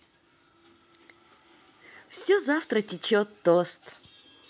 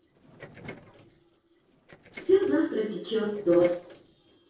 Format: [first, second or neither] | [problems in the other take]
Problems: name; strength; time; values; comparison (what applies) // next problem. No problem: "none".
first | noise reduction (neural separator model SepFormer DNS4)